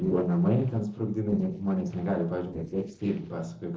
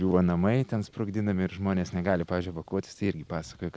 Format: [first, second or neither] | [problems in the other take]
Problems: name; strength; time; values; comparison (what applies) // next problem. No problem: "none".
second | noise reduction (neural separator model SepFormer DNS4)